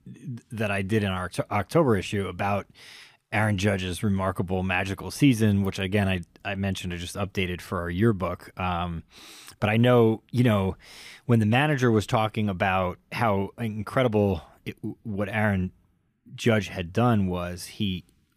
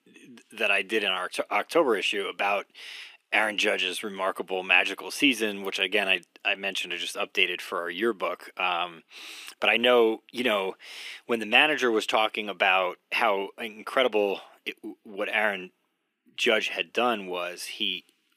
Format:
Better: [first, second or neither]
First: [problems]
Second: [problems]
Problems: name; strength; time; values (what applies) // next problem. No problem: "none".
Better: first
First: none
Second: thin; somewhat; fading below 300 Hz